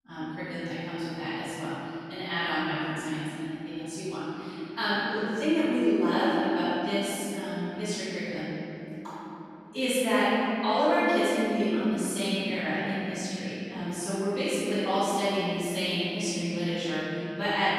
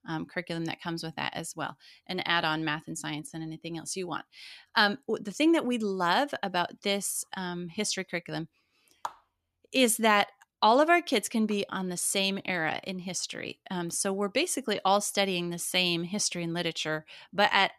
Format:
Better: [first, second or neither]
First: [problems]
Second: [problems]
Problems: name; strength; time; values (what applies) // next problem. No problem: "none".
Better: second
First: off-mic speech; far // room echo; strong; dies away in 3 s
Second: none